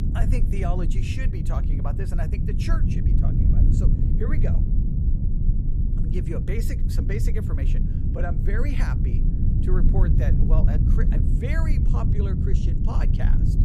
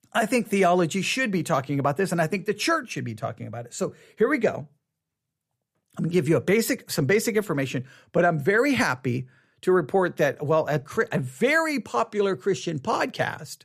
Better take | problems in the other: second | low rumble; loud; throughout; 1 dB below the speech

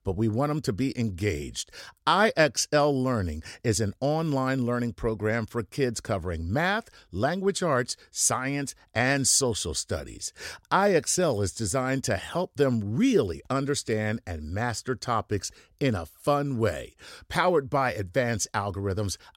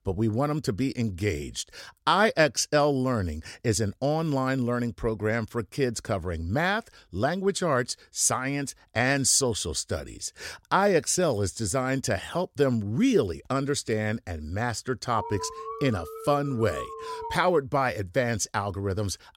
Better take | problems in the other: first | alarm; noticeable; from 15 to 17 s; peak 9 dB below the speech

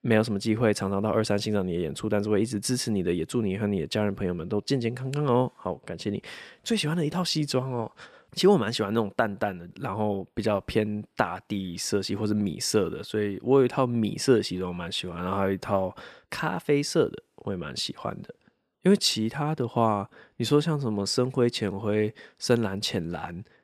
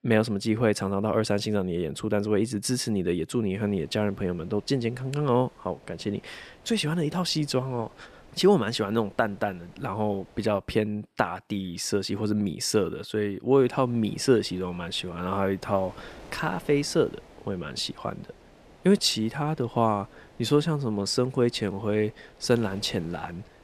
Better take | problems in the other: first | wind noise on the microphone; occasional gusts; from 3.5 to 10 s and from 14 s on; 25 dB below the speech

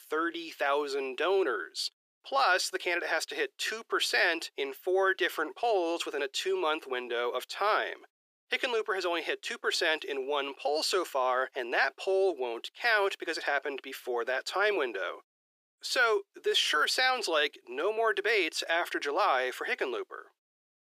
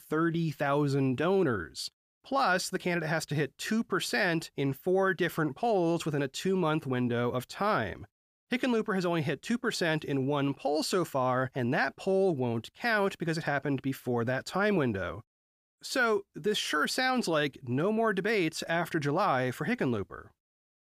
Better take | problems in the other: second | thin; very; fading below 350 Hz

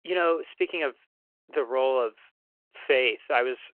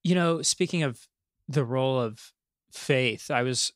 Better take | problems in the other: second | phone-call audio

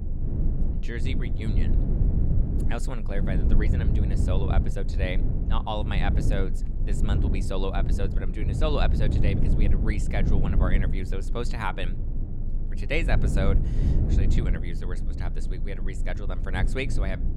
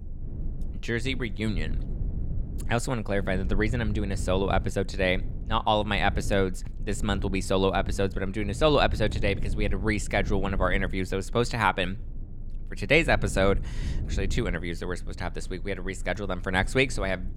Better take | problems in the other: second | low rumble; loud; throughout; 6 dB below the speech; faint in the second

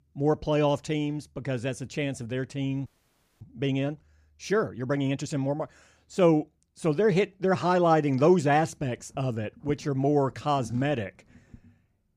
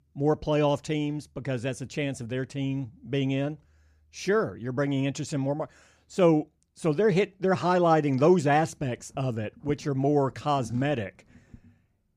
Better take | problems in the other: second | audio freezing; at 3 s for 0.5 s

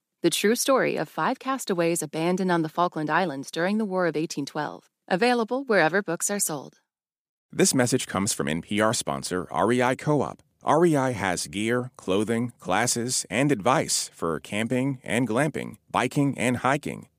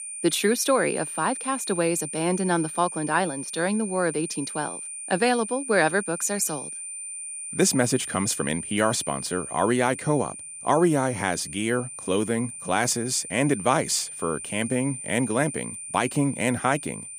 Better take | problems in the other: first | high-pitched whine; loud; throughout; 9 kHz, 8 dB below the speech

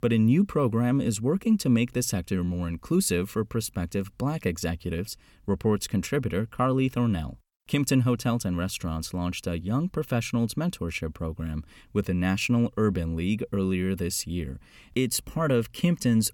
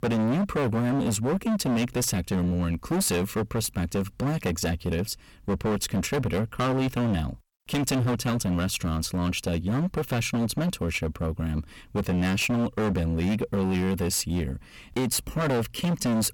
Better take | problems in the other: first | distortion; heavy; 25% of the sound clipped

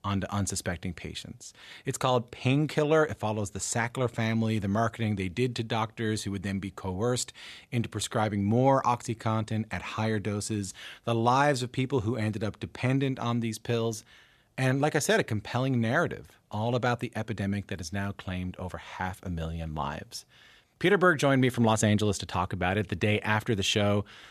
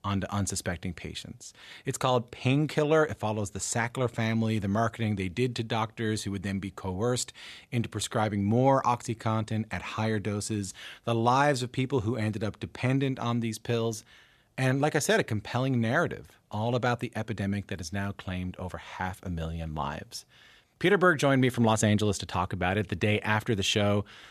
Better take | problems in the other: neither | none

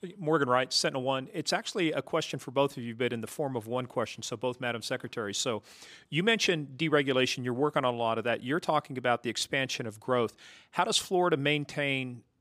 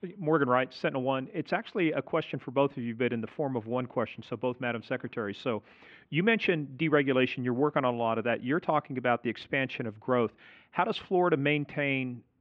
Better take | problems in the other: first | muffled; very; fading above 2.5 kHz

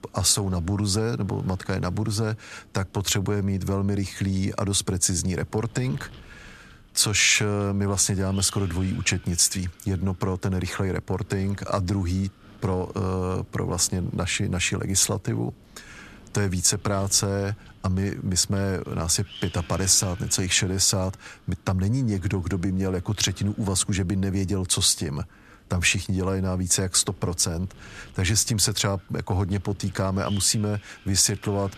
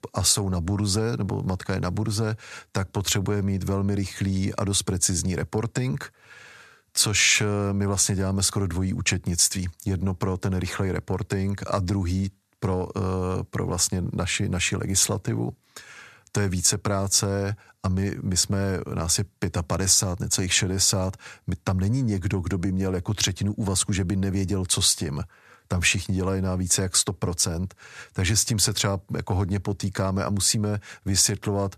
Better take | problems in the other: second | wind noise on the microphone; occasional gusts; 25 dB below the speech

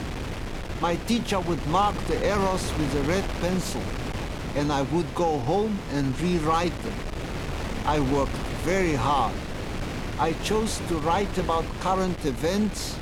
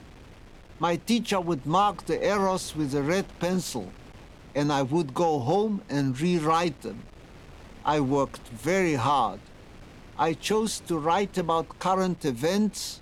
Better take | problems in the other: second | wind noise on the microphone; heavy; 8 dB below the speech; occasional gusts in the second

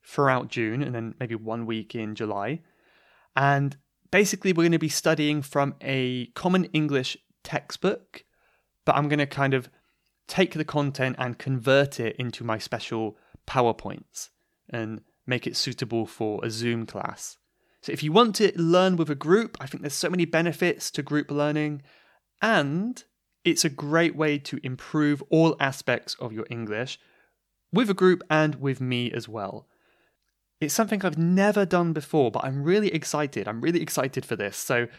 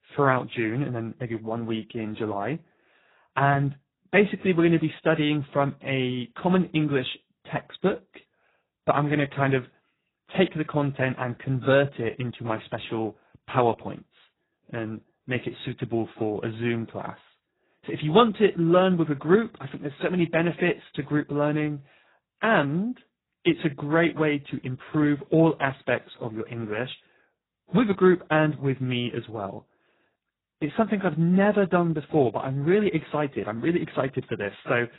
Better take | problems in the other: first | garbled, watery; badly; nothing above 4 kHz

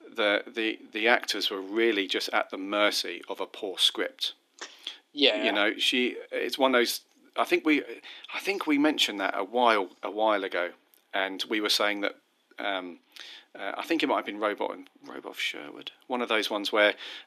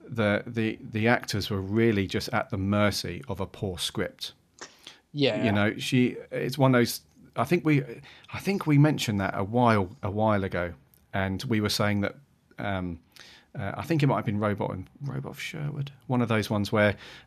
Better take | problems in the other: second | thin; somewhat; fading below 300 Hz

